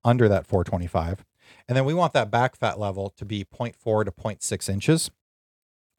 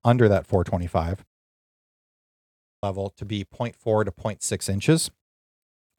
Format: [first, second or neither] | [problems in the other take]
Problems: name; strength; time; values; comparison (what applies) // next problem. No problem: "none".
first | audio cutting out; at 1.5 s for 1.5 s